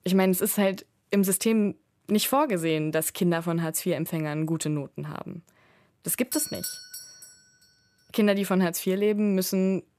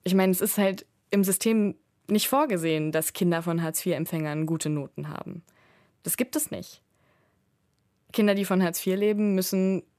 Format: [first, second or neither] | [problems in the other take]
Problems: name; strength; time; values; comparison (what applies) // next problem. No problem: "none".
second | doorbell; noticeable; at 6.5 s; peak 6 dB below the speech